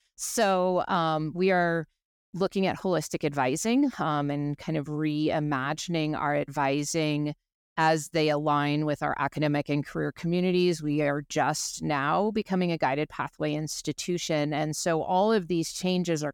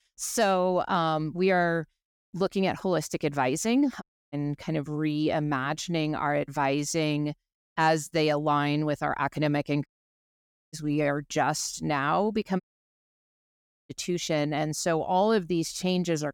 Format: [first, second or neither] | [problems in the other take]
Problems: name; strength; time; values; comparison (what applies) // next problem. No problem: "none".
first | audio cutting out; at 4 s, at 10 s for 1 s and at 13 s for 1.5 s